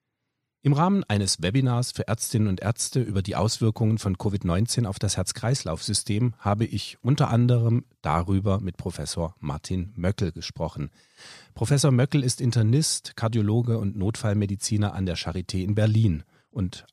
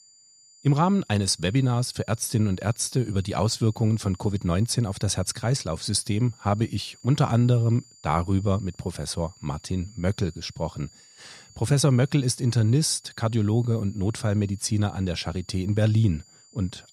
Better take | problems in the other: first | high-pitched whine; faint; throughout; 7 kHz, 25 dB below the speech

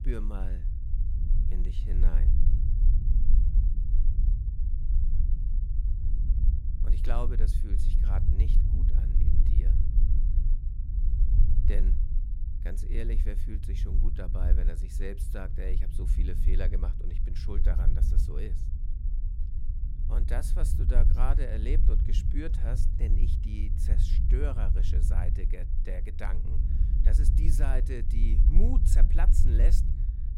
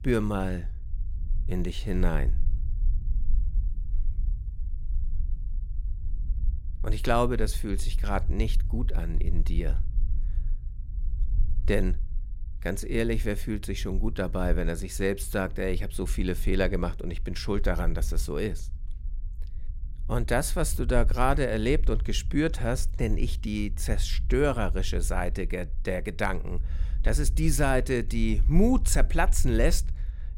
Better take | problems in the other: second | low rumble; loud; throughout; 5 dB below the speech; faint in the second

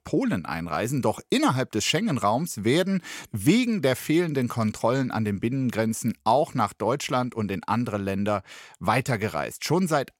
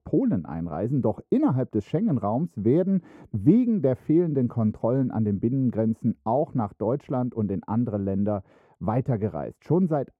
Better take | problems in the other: first | muffled; very; fading above 1.5 kHz

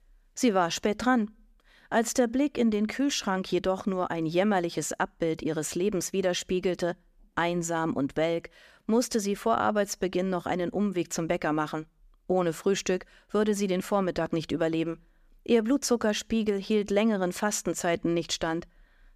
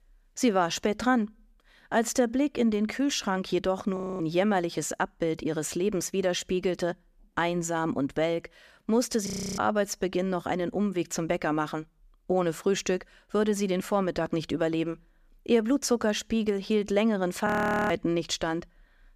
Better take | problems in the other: first | audio freezing; at 4 s, at 9.5 s and at 17 s

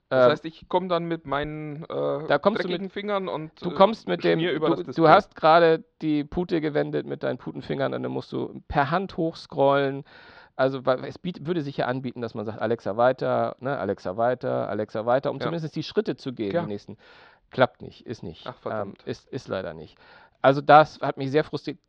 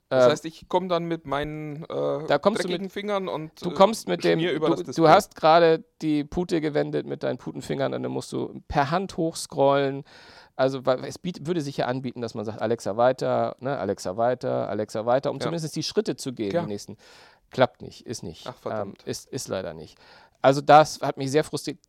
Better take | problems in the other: second | muffled; very slightly; fading above 4 kHz

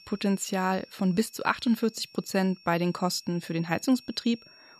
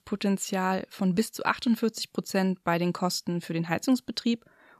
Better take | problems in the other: second | high-pitched whine; faint; throughout; 5.5 kHz, 25 dB below the speech

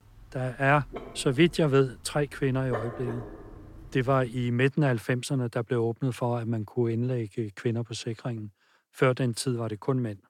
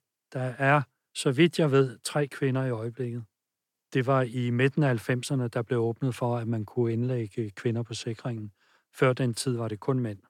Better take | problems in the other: second | dog barking; noticeable; until 4.5 s; peak 8 dB below the speech

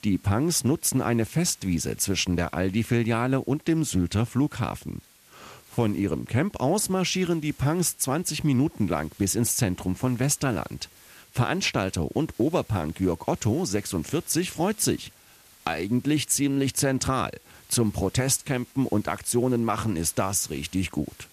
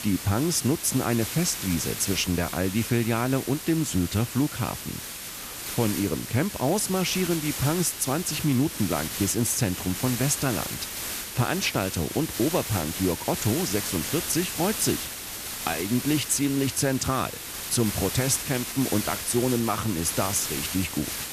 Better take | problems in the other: first | hiss; loud; throughout; 5 dB below the speech; faint in the first

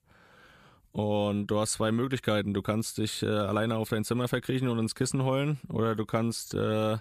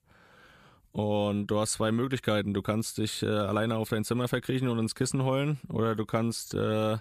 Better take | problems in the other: neither | none

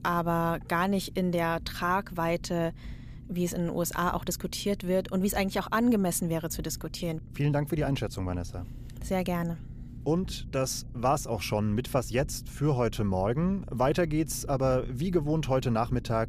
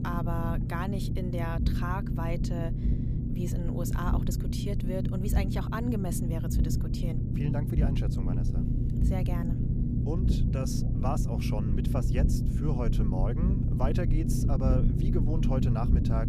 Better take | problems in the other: first | low rumble; loud; throughout; 1 dB below the speech; faint in the first

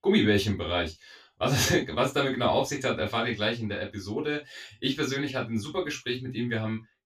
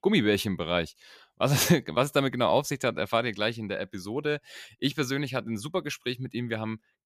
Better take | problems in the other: second | room echo; very slight; dies away in 0.2 s // off-mic speech; far

